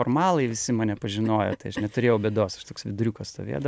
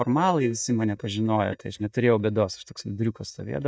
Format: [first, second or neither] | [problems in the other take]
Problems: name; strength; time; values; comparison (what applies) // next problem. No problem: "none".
first | noise reduction (neural mask model DeepFilterNet 3)